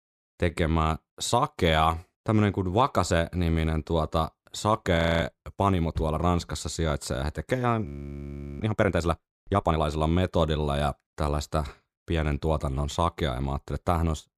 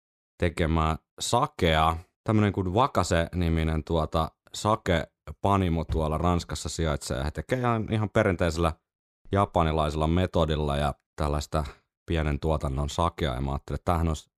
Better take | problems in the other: second | audio freezing; at 5 s and at 8 s for 0.5 s

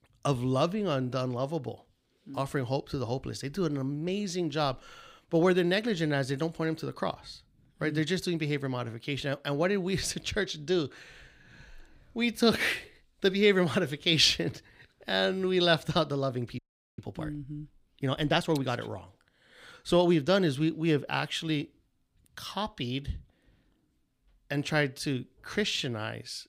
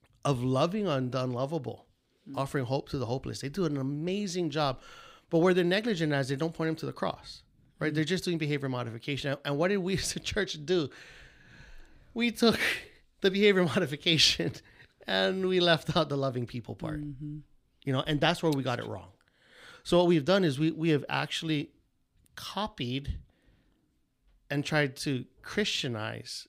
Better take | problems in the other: second | audio freezing; at 17 s

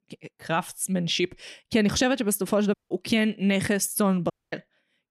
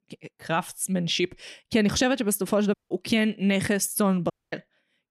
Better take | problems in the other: neither | audio cutting out; at 2.5 s and at 4.5 s; the same in both

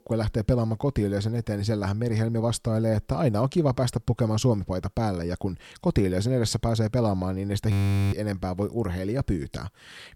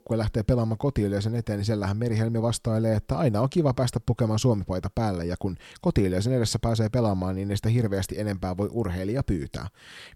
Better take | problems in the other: second | audio freezing; at 7.5 s

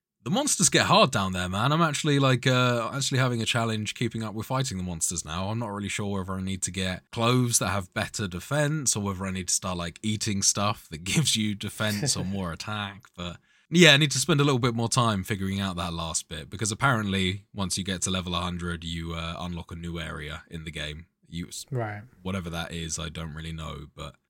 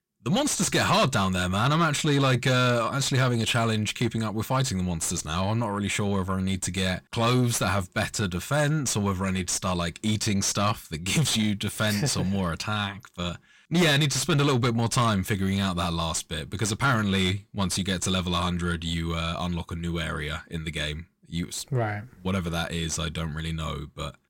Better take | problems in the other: first | distortion; heavy; 7 dB below the speech

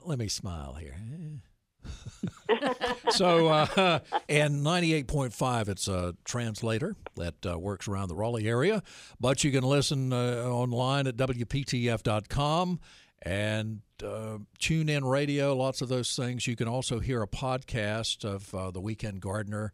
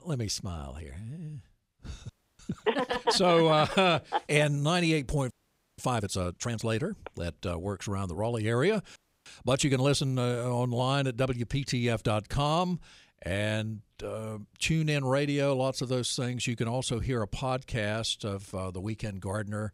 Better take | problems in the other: first | audio freezing; at 2 s, at 5.5 s and at 9 s

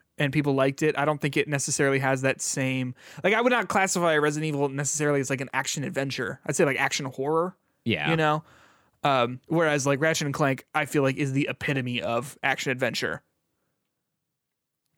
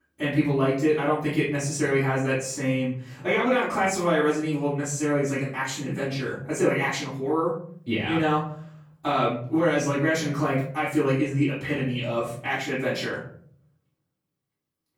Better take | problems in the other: first | off-mic speech; far // room echo; noticeable; dies away in 0.7 s

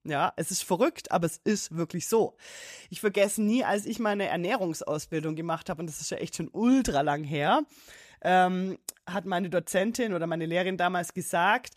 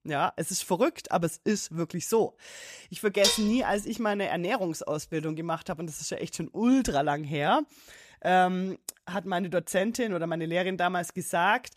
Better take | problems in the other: first | clattering dishes; loud; at 3 s; peak 3 dB above the speech

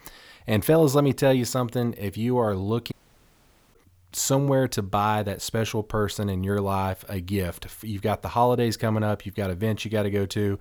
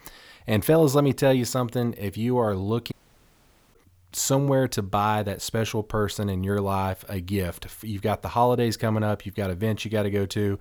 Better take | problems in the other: neither | audio cutting out; at 3 s for 1 s; the same in both

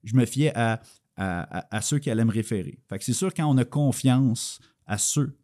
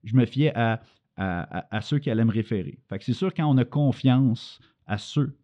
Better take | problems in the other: first | muffled; very; fading above 3.5 kHz

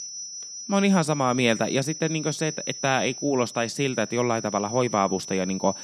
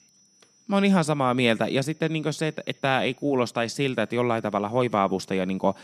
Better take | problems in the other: second | high-pitched whine; loud; throughout; 6 kHz, 10 dB below the speech; faint in the second

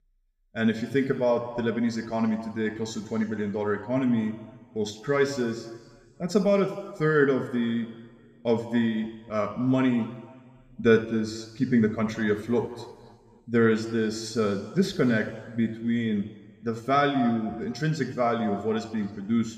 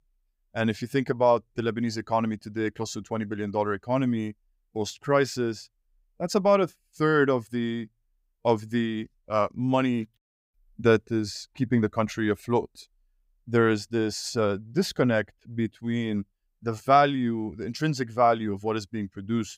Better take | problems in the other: second | room echo; slight; dies away in 1.6 s

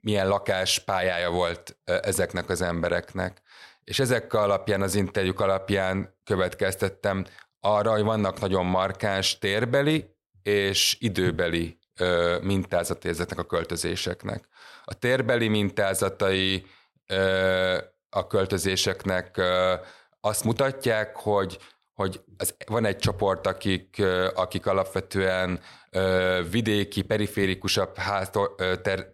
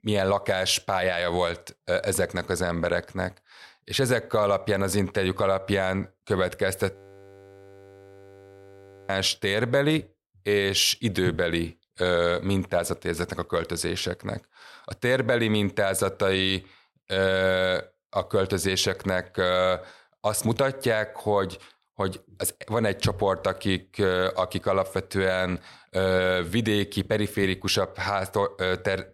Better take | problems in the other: first | audio freezing; at 7 s for 2 s

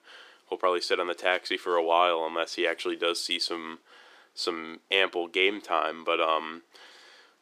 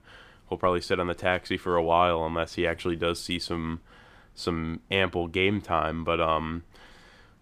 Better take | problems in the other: second | thin; somewhat; fading below 350 Hz

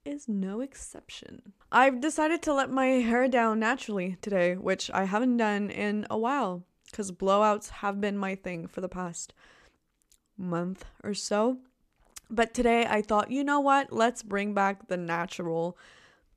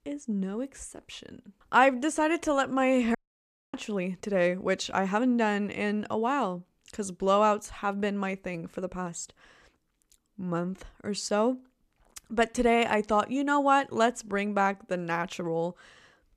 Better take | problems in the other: first | audio cutting out; at 3 s for 0.5 s

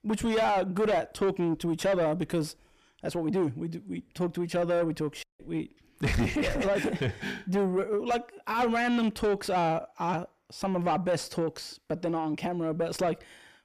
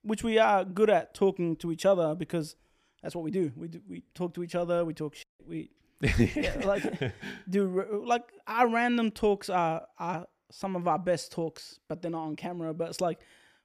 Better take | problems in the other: second | distortion; heavy; 7 dB below the speech

